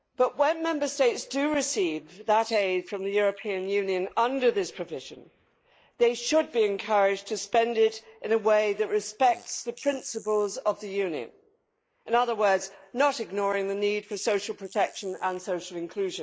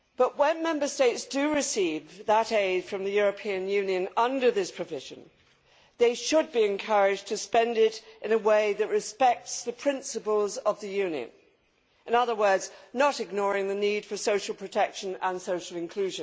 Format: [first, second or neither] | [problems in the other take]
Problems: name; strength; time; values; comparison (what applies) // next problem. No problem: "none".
second | noise reduction (neural mask model Resemble Enhance denoiser)